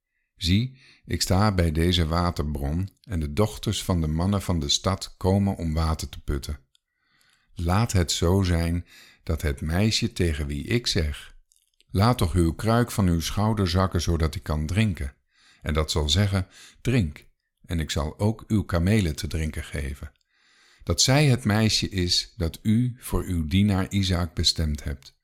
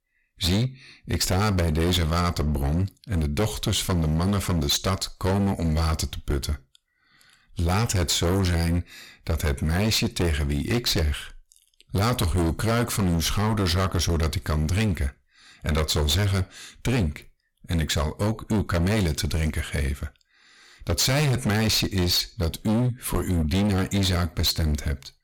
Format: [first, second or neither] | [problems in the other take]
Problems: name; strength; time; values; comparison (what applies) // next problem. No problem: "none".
first | distortion; heavy; 22% of the sound clipped